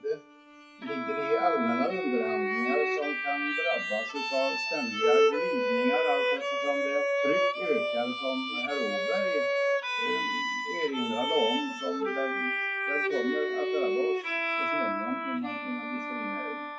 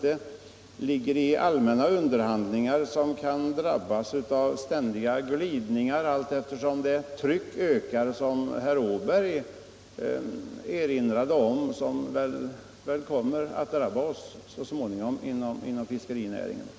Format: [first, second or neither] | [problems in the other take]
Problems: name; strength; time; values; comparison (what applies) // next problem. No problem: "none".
second | noise reduction (classical method WPE with log-MMSE)